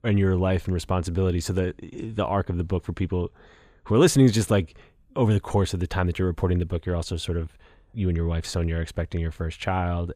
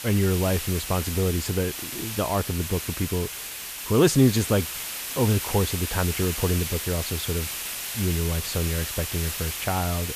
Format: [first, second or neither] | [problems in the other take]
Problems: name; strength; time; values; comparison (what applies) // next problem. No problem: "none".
first | hiss; loud; throughout; 5 dB below the speech